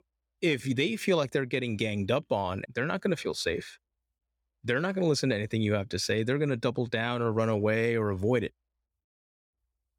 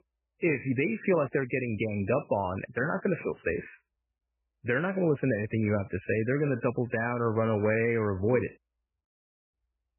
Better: first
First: none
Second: garbled, watery; badly; nothing above 2.5 kHz

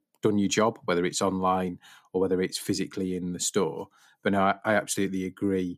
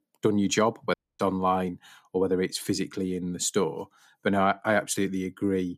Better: first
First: none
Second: audio cutting out; at 1 s

